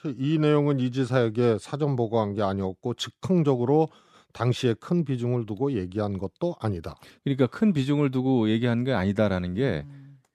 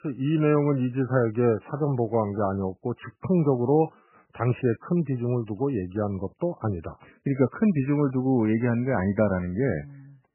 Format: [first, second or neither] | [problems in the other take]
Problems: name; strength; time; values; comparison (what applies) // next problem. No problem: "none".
first | garbled, watery; badly; nothing above 3 kHz